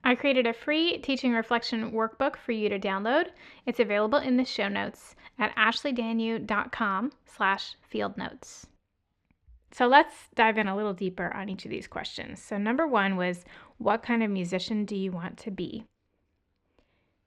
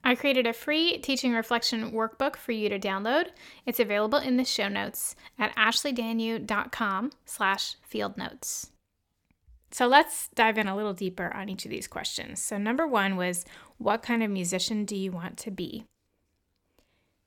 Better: second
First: muffled; slightly; fading above 3 kHz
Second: none

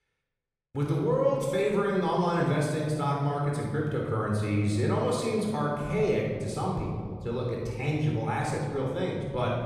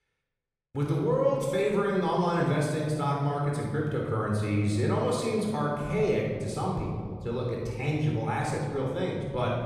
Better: neither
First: room echo; noticeable; dies away in 1.9 s // off-mic speech; somewhat distant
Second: room echo; noticeable; dies away in 1.9 s // off-mic speech; somewhat distant

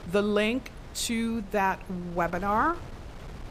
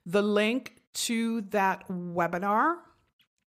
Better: second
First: wind noise on the microphone; occasional gusts; 20 dB below the speech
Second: none

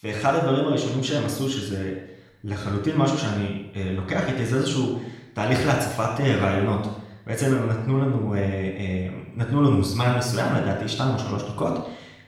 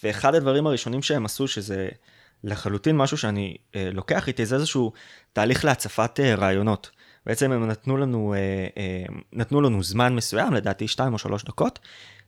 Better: second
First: off-mic speech; far // room echo; noticeable; dies away in 0.7 s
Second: none

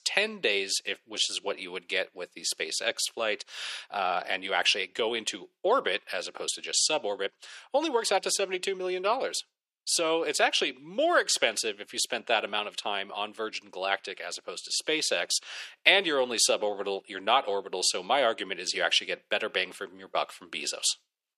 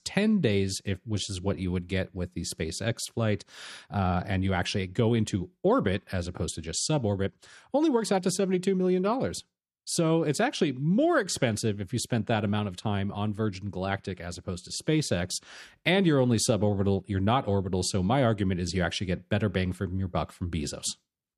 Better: second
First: thin; very; fading below 500 Hz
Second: none

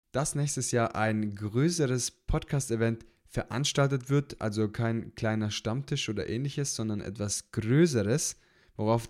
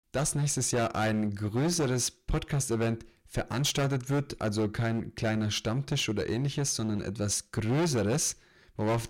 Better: first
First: none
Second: distortion; heavy; 15% of the sound clipped

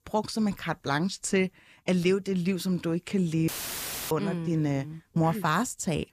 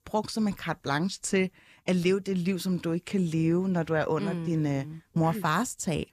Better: second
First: audio cutting out; filled with static; at 3.5 s for 0.5 s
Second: none

